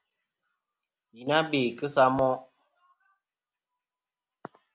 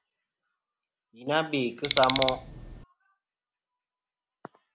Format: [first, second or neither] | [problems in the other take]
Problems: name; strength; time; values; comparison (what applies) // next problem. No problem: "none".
first | background sound (Alarm); as loud as the speech